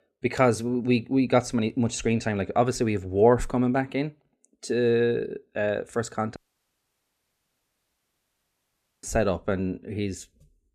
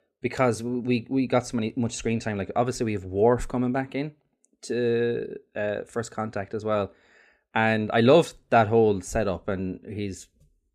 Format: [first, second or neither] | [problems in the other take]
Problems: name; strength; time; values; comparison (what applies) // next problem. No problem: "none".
second | audio cutting out; at 6.5 s for 2.5 s